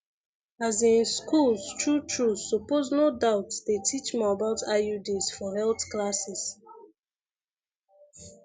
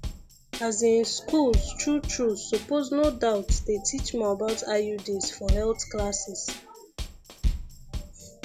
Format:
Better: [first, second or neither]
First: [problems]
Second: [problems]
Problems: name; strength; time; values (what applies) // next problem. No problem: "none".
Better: first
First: none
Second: background sound (Drum kit); 5 dB below the speech